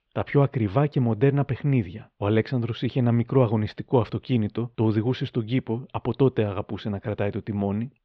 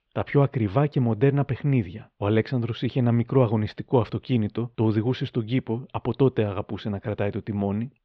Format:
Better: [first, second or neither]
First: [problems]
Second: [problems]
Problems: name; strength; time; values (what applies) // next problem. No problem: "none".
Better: neither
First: muffled; slightly; fading above 3.5 kHz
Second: muffled; slightly; fading above 3.5 kHz